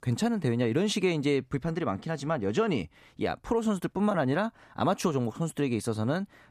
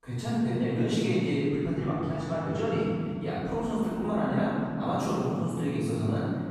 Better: first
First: none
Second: room echo; strong; dies away in 3 s // off-mic speech; far

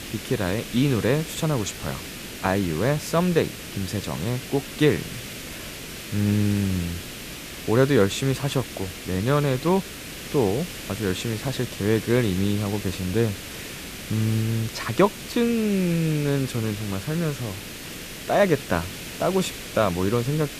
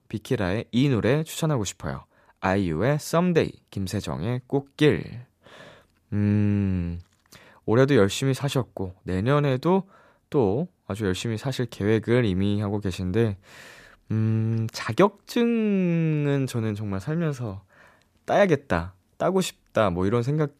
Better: second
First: hiss; noticeable; throughout; 10 dB below the speech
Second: none

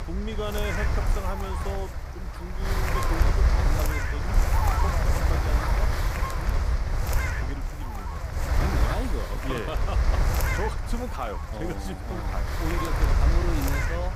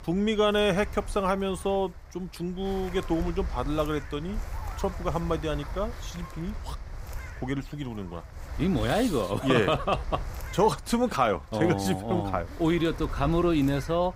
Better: second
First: wind noise on the microphone; heavy; 4 dB above the speech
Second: wind noise on the microphone; occasional gusts; 15 dB below the speech

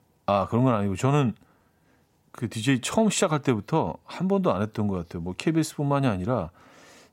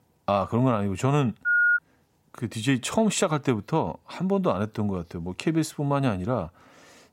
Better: first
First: none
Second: phone ringing; loud; at 1.5 s; peak 6 dB above the speech

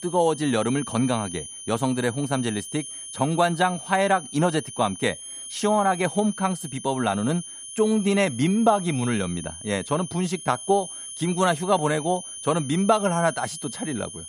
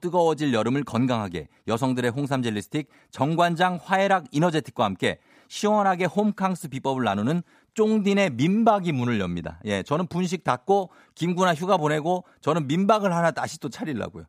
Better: second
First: high-pitched whine; noticeable; throughout; 10 kHz, 10 dB below the speech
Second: none

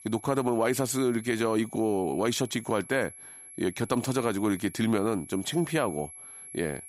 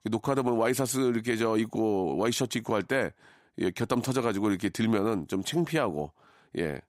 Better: second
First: high-pitched whine; noticeable; throughout; 11 kHz, 15 dB below the speech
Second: none

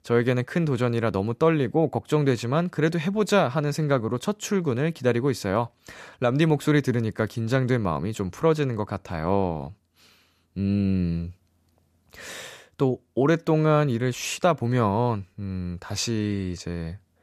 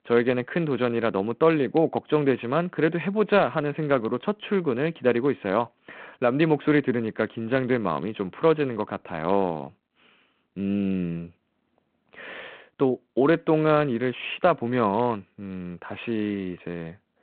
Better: first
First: none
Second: phone-call audio; nothing above 4 kHz

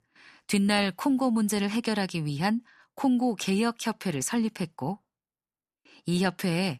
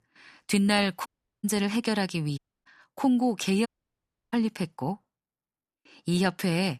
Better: first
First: none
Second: audio cutting out; at 1 s, at 2.5 s and at 3.5 s for 0.5 s

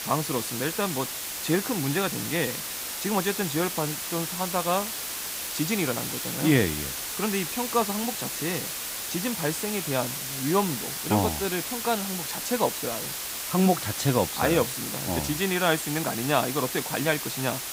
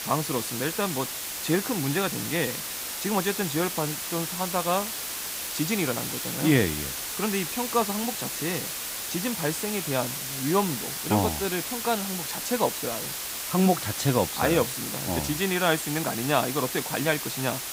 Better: neither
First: hiss; loud; throughout; 3 dB below the speech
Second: hiss; loud; throughout; 3 dB below the speech

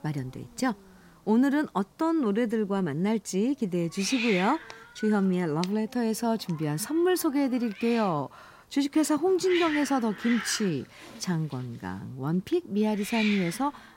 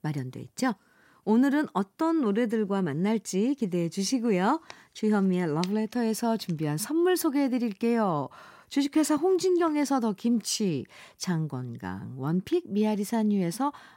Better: second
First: hiss; loud; throughout; 8 dB below the speech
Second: none

